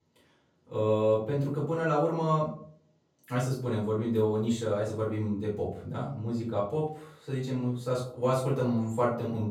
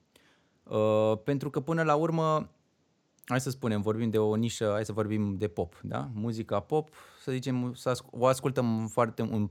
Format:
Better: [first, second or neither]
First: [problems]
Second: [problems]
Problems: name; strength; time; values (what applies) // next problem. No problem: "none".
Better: second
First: off-mic speech; far // room echo; noticeable; dies away in 0.4 s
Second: none